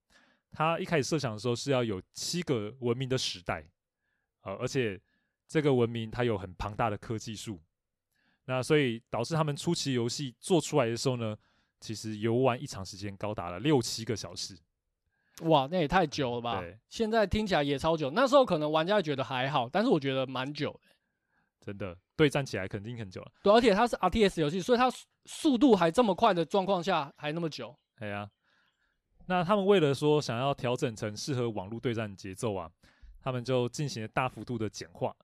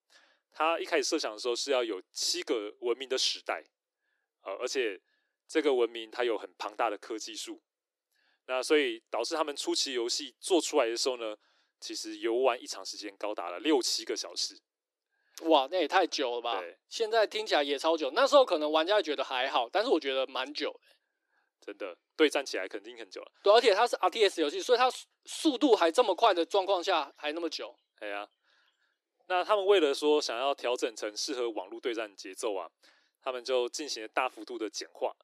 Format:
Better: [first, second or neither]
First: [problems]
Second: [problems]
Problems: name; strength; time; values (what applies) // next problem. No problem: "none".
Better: first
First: none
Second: thin; somewhat; fading below 300 Hz